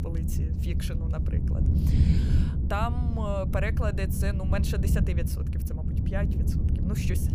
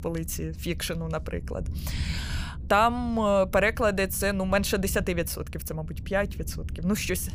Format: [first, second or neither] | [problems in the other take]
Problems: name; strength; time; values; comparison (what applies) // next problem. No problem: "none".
second | low rumble; loud; throughout; 4 dB below the speech; faint in the second